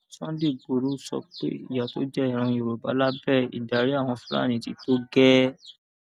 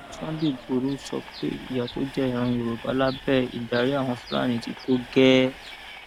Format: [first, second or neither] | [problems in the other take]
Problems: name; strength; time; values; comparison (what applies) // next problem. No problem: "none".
first | background sound (Train); 17 dB below the speech